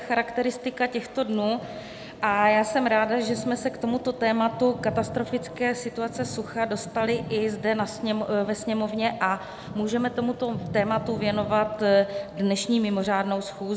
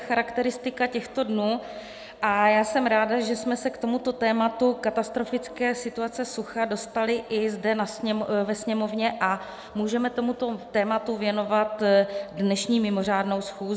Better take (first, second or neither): second